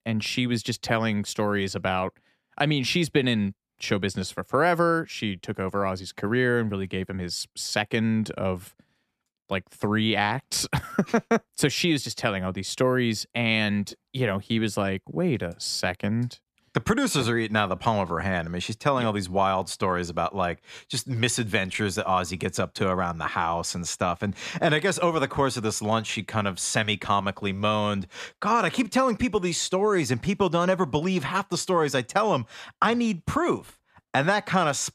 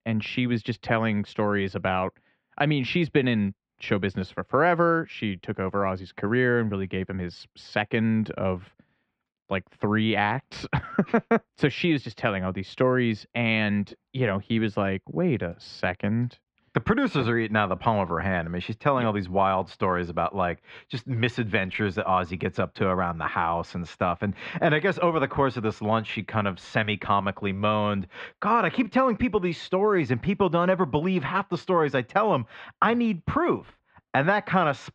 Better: first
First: none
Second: muffled; very; fading above 3 kHz

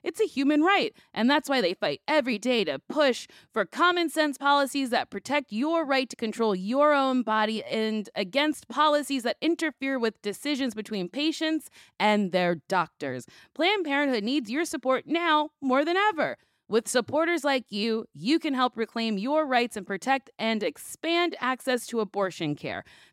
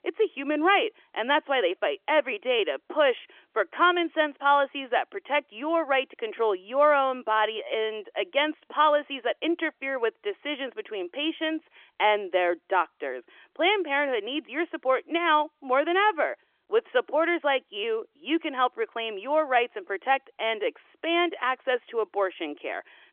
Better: first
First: none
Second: phone-call audio; nothing above 3.5 kHz

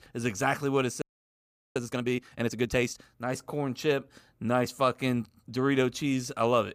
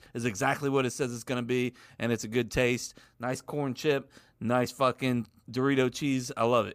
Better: second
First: audio freezing; at 1 s for 0.5 s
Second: none

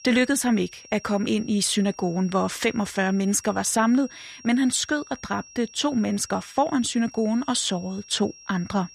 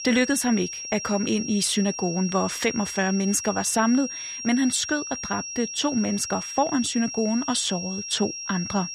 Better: first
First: high-pitched whine; faint; throughout; 5.5 kHz, 20 dB below the speech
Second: high-pitched whine; loud; throughout; 5.5 kHz, 7 dB below the speech

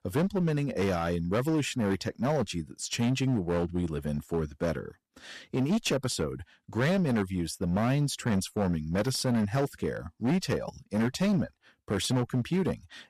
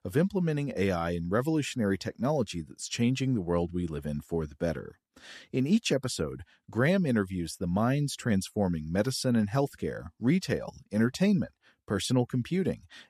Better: second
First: distortion; slight; 14% of the sound clipped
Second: none

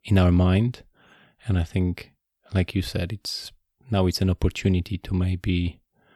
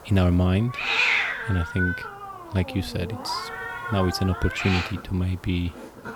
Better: first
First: none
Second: hiss; loud; throughout; 1 dB below the speech

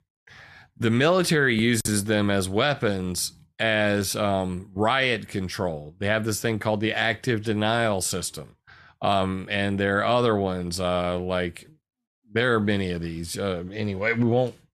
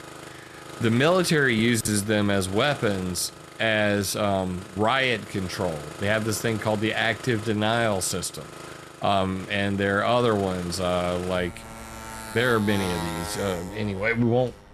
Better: first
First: none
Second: traffic noise; noticeable; throughout; 15 dB below the speech

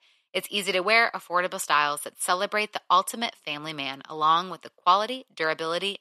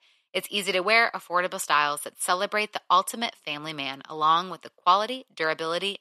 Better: neither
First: thin; very; fading below 500 Hz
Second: thin; very; fading below 500 Hz

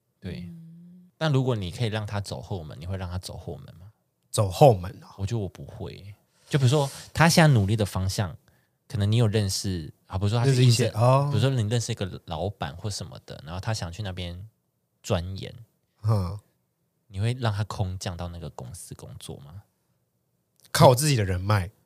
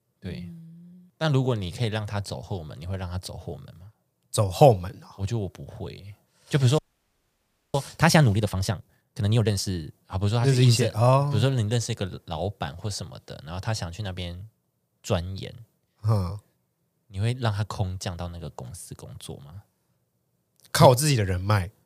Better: first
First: none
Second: audio freezing; at 7 s for 1 s

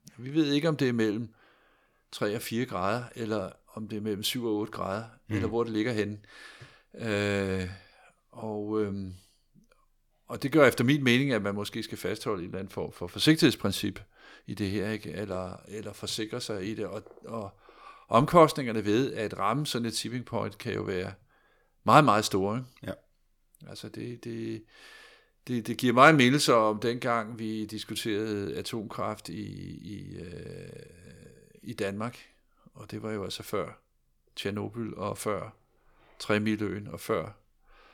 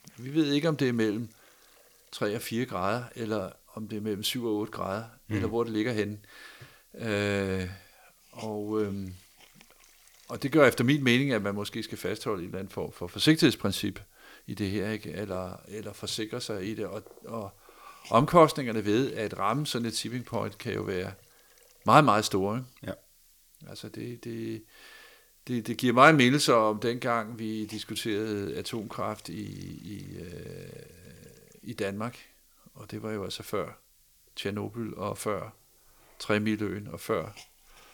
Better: first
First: none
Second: hiss; faint; throughout; 30 dB below the speech

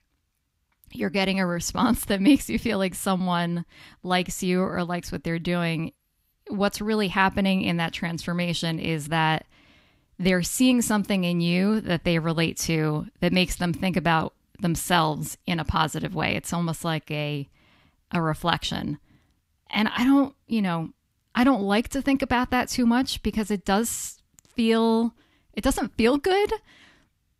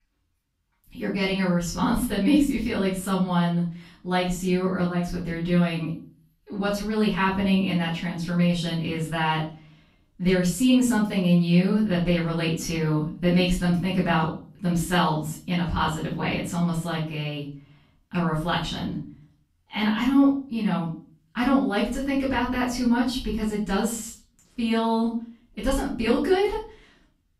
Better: first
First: none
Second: room echo; slight; dies away in 0.4 s // off-mic speech; far

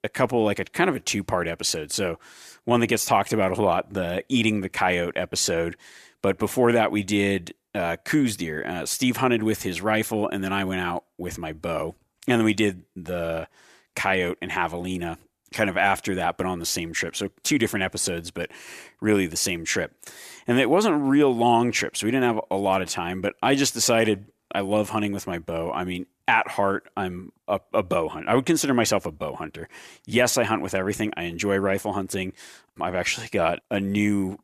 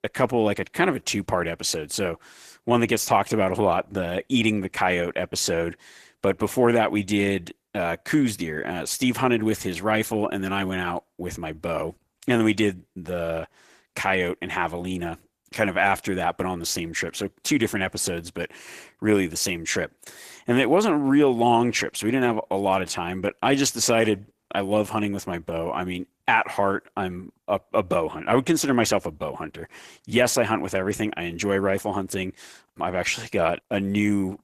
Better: first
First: none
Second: garbled, watery; slightly; nothing above 14.5 kHz

